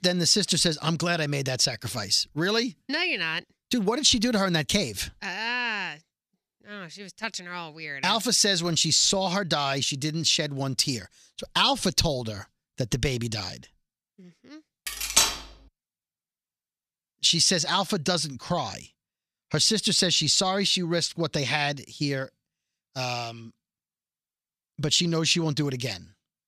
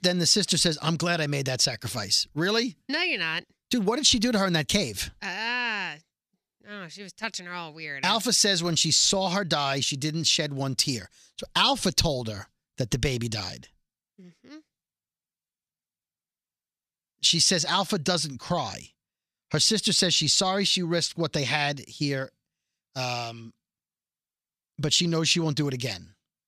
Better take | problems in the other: second | clattering dishes; loud; at 15 s; peak 4 dB above the speech

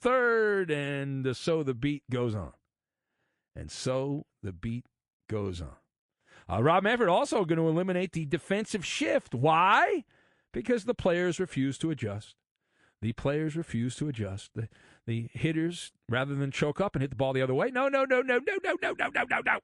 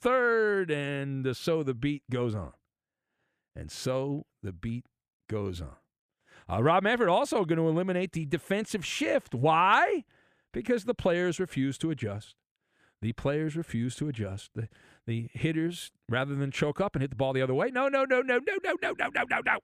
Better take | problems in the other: second | garbled, watery; slightly

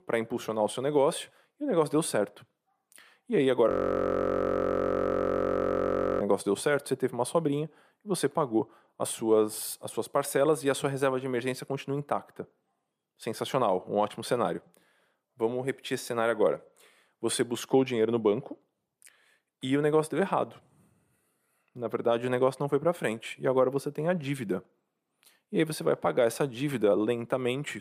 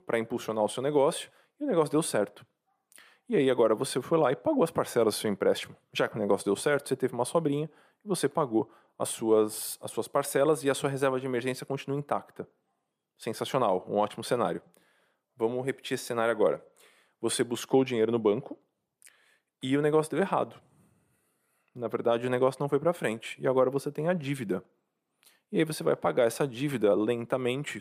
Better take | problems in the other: second | audio freezing; at 3.5 s for 2.5 s

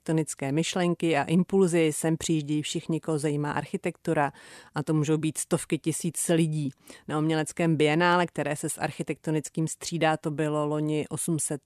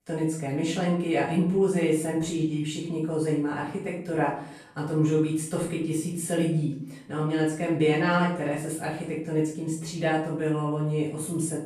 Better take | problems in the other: first | off-mic speech; far // room echo; noticeable; dies away in 0.5 s

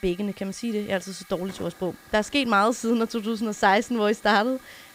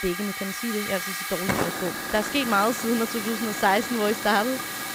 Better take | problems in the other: first | hiss; loud; throughout; 3 dB below the speech; faint in the first

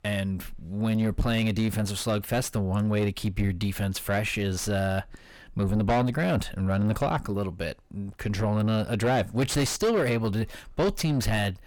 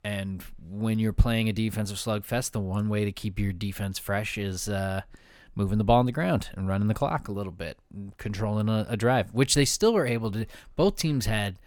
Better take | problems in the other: second | distortion; heavy; 7 dB below the speech

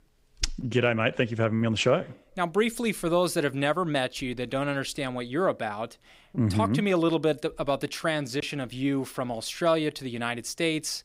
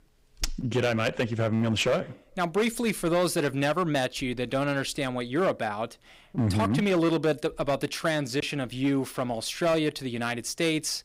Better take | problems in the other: first | distortion; slight; 7% of the sound clipped

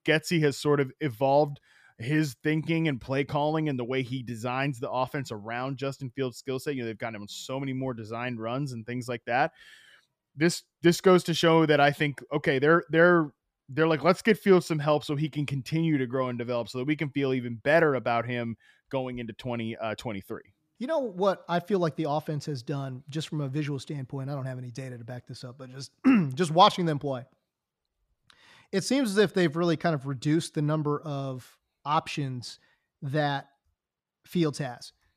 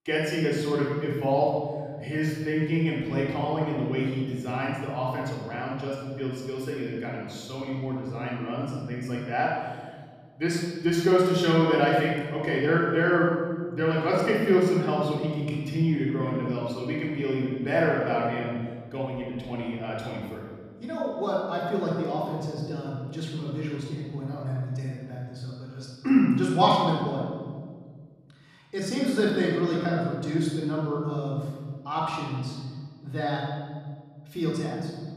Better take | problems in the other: first | off-mic speech; far // room echo; noticeable; dies away in 1.7 s

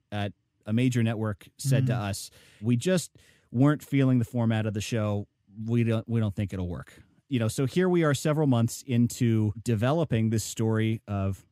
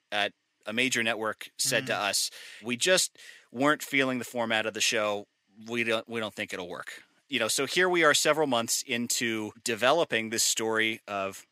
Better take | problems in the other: first | thin; very; fading below 550 Hz

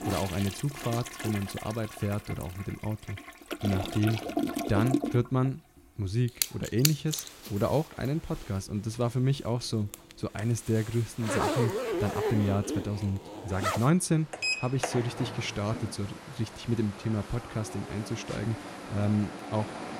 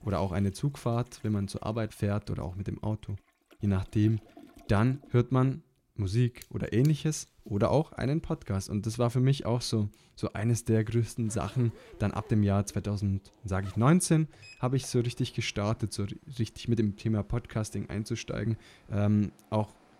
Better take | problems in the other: second | household noises; loud; throughout; 4 dB below the speech; faint in the second

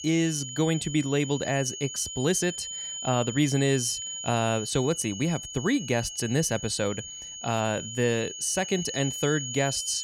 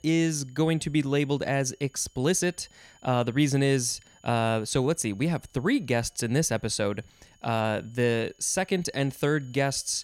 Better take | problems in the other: second | high-pitched whine; loud; throughout; 3 kHz, 7 dB below the speech; faint in the second

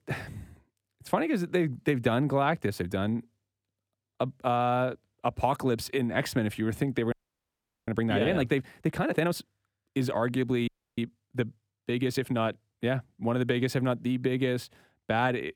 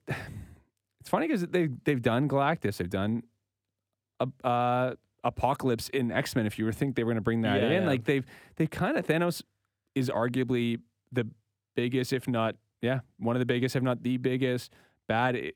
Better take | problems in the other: second | audio freezing; at 7 s for 1 s and at 11 s

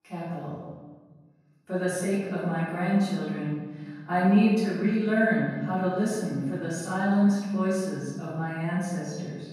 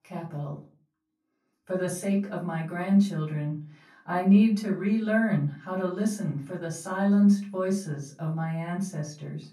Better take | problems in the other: second | room echo; strong; dies away in 1.3 s; slight in the second // off-mic speech; far; far in the second

